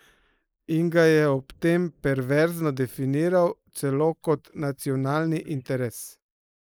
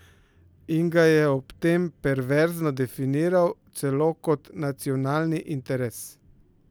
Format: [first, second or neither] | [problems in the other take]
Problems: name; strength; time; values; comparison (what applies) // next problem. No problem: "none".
second | noise reduction (neural mask model Resemble Enhance denoiser)